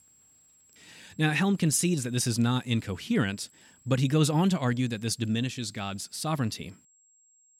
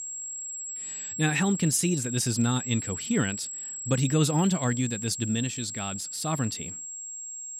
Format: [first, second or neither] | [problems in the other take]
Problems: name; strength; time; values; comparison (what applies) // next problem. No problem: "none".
first | high-pitched whine; loud; throughout; 7.5 kHz, 6 dB below the speech; faint in the first